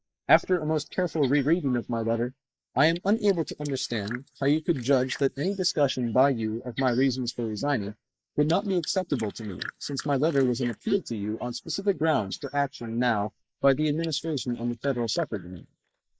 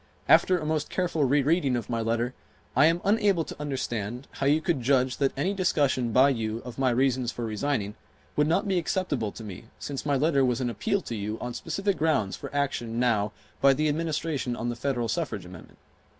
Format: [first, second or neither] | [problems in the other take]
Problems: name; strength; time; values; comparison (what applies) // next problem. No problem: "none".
second | noise reduction (neural mask model Resemble Enhance denoiser)